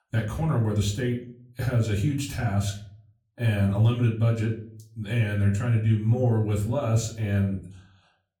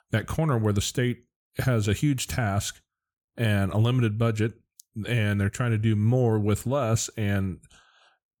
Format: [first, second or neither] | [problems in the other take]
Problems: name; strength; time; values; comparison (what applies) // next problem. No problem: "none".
second | off-mic speech; far // room echo; slight; dies away in 0.4 s